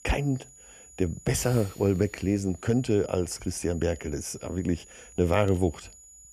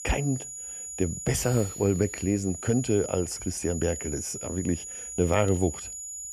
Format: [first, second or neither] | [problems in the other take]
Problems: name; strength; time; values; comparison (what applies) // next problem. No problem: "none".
first | high-pitched whine; loud; throughout; 7 kHz, 8 dB below the speech; faint in the first